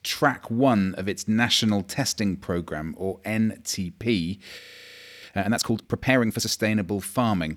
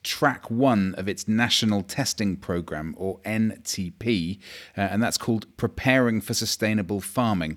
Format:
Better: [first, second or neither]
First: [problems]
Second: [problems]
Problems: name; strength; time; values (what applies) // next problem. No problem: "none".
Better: second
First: audio freezing; at 4.5 s for 0.5 s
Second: none